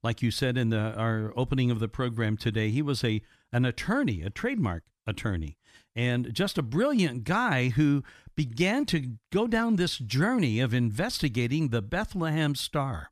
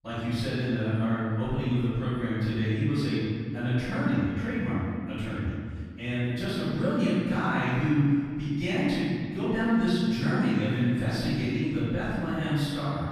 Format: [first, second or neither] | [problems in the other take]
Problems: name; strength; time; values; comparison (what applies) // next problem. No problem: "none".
first | room echo; strong; dies away in 2.1 s // off-mic speech; far